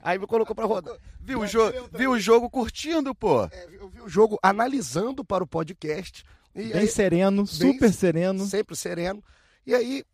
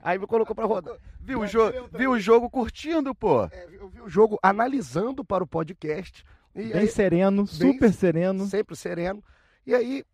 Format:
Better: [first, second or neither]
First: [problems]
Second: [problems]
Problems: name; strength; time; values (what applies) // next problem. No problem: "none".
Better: first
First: none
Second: muffled; slightly; fading above 3.5 kHz